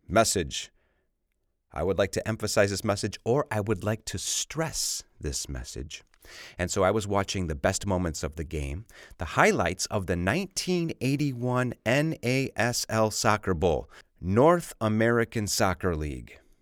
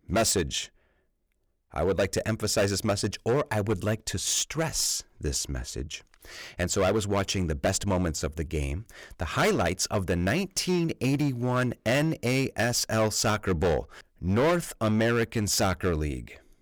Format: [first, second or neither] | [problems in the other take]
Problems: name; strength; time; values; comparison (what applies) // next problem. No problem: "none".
first | distortion; heavy; 7% of the sound clipped